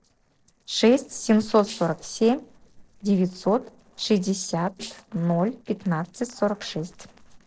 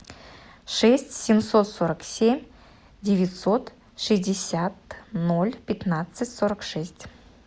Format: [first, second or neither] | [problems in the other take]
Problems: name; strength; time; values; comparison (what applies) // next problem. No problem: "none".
second | noise reduction (neural separator model SepFormer DNS4)